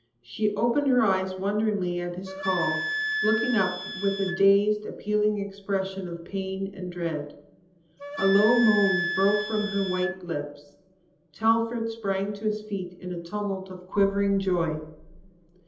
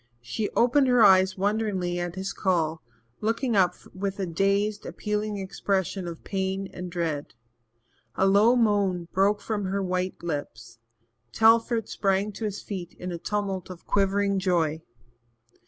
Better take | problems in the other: second | background sound (Wind instrument, woodwind instrument); 7 dB below the speech // room echo; dies away in 1.2 s

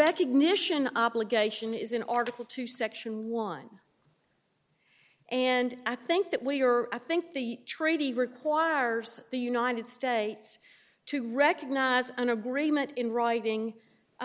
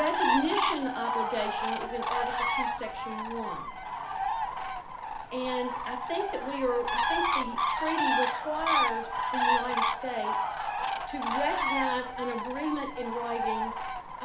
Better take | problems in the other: first | background sound (Bird); 4 dB above the speech // room echo; dies away in 0.4 s

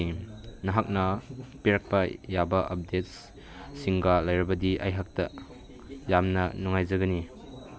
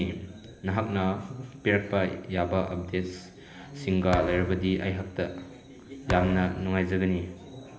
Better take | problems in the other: first | background sound (Thump, thud); 7 dB below the speech // room echo; dies away in 0.8 s

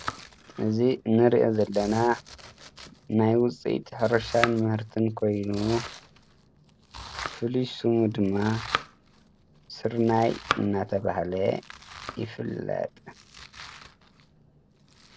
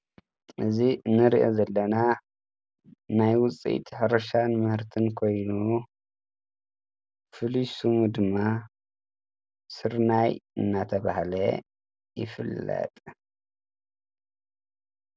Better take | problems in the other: second | background sound (Domestic sounds, home sounds); 12 dB below the speech

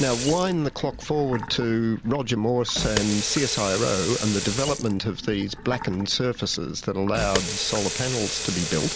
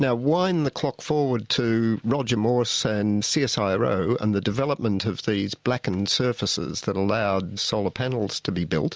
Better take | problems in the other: second | background sound (Sink (filling or washing) / Water tap, faucet); 7 dB below the speech

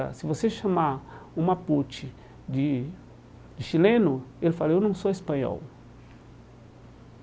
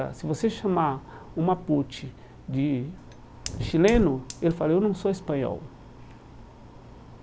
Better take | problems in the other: first | background sound (Fire); 13 dB below the speech

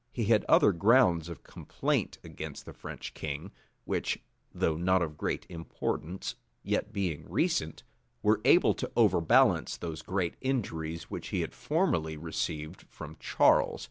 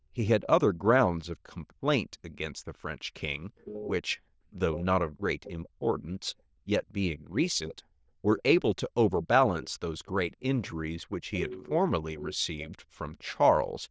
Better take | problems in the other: first | noise reduction (neural diffusion model UNIVERSE++)

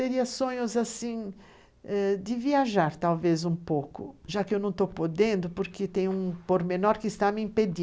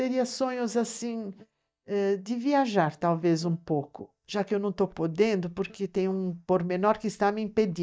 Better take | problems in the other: first | noise reduction (neural mask model DeepFilterNet 3)

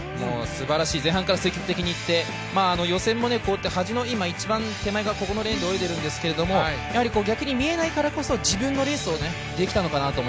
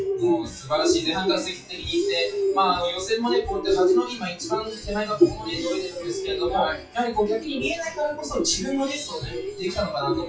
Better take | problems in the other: first | noise reduction (classical method WPE with log-MMSE)

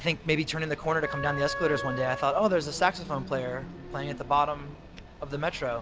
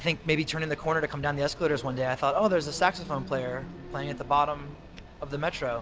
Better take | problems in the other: second | background sound (Wind instrument, woodwind instrument); 9 dB below the speech

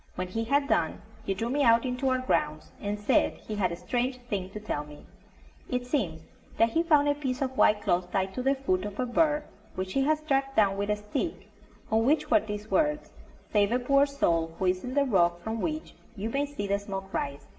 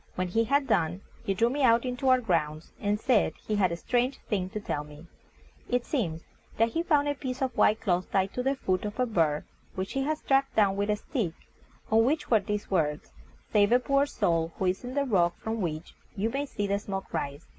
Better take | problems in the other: second | room echo; dies away in 1.6 s

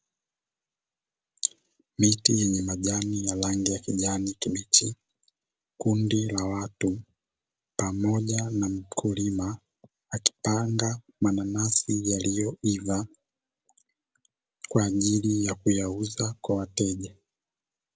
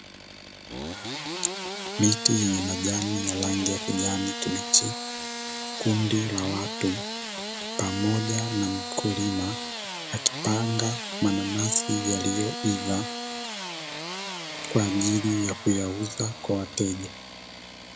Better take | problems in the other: first | background sound (Engine starting / Sawing); 7 dB below the speech

